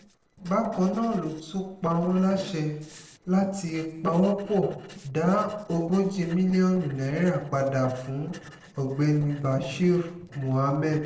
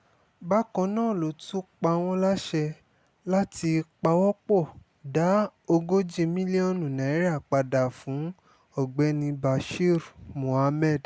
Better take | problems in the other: second | noise reduction (neural separator model SepFormer DNS4)

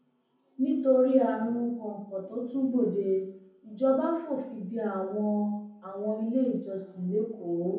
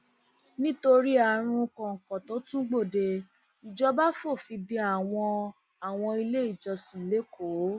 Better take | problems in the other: second | room echo; dies away in 0.7 s

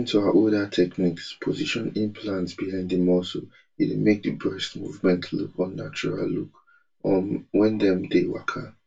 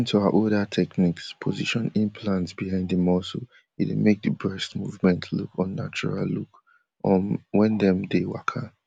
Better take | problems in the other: second | room echo; dies away in 0.2 s

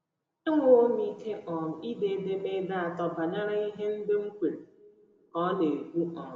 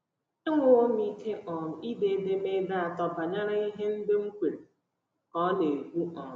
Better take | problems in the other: second | room echo; dies away in 1.9 s

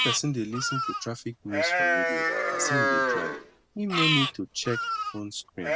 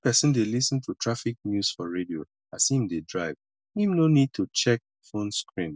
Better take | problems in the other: second | background sound (Livestock, farm animals, working animals); 4 dB above the speech

